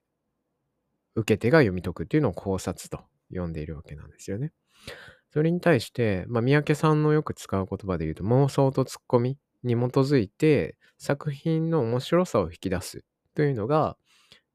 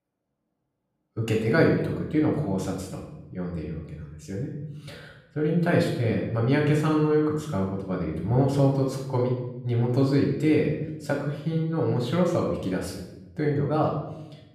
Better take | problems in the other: first | off-mic speech; far // room echo; noticeable; dies away in 0.8 s

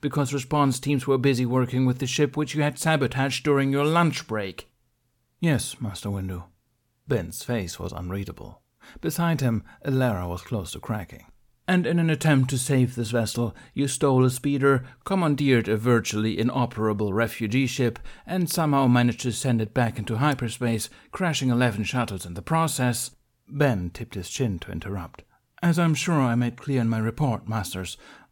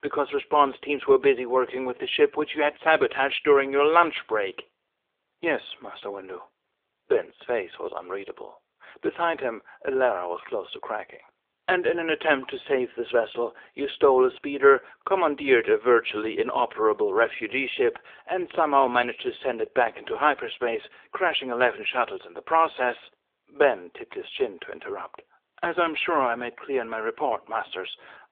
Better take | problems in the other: first | phone-call audio; nothing above 3.5 kHz

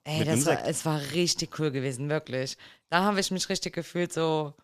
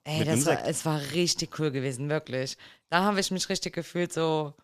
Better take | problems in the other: neither | none

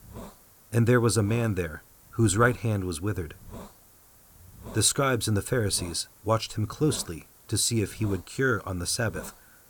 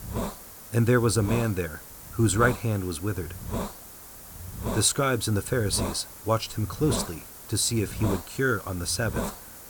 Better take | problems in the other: first | hiss; loud; throughout; 10 dB below the speech; faint in the first

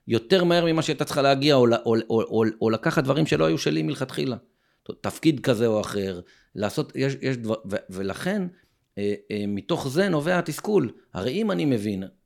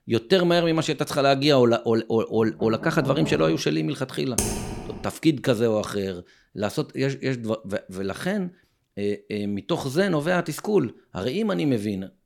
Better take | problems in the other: first | door banging; noticeable; from 2.5 to 3.5 s; peak 8 dB below the speech // keyboard typing; noticeable; at 4.5 s; peak 2 dB below the speech

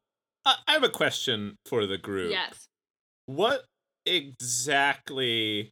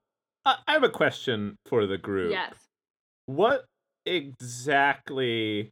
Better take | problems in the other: first | muffled; slightly; fading above 3 kHz

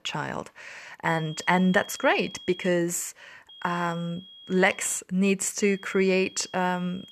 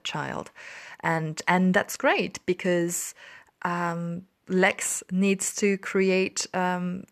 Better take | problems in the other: second | high-pitched whine; noticeable; from 1 to 2.5 s, from 3.5 to 5 s and from 5.5 s on; 3.5 kHz, 20 dB below the speech

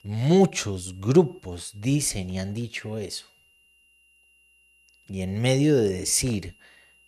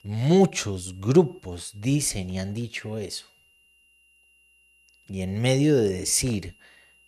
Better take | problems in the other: neither | high-pitched whine; faint; throughout; 3 kHz, 35 dB below the speech; the same in both

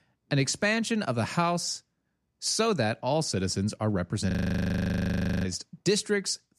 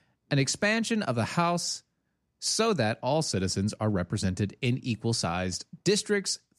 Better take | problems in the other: second | audio freezing; at 4.5 s for 1 s

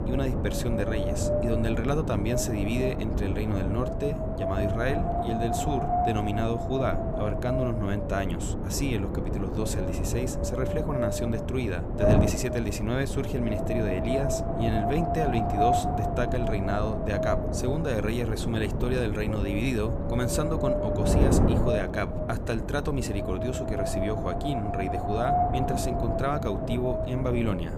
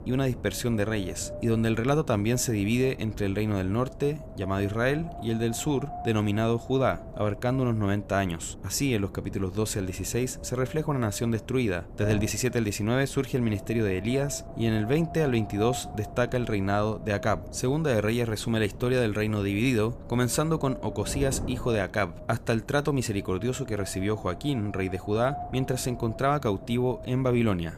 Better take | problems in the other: second | wind noise on the microphone; heavy; 2 dB above the speech; occasional gusts in the second

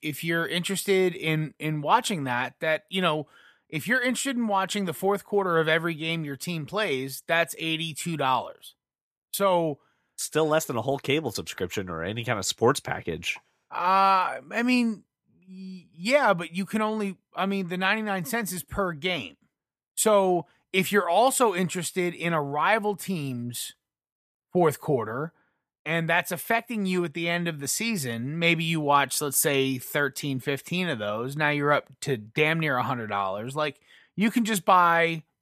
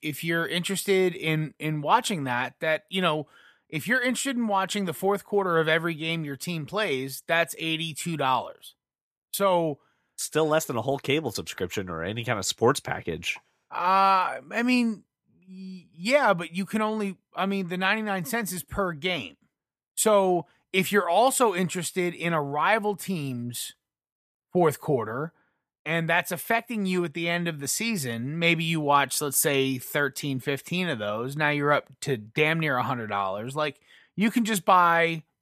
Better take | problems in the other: neither | none

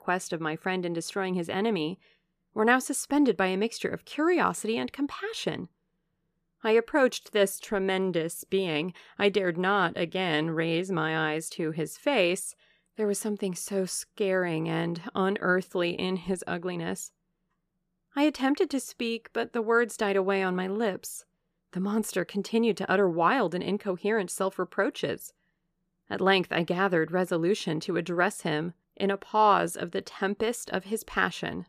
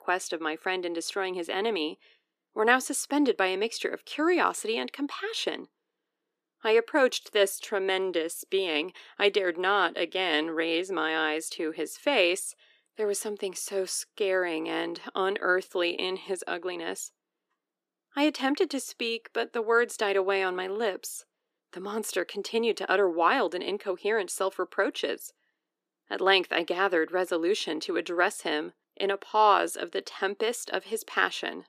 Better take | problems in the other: first | thin; very slightly; fading below 250 Hz

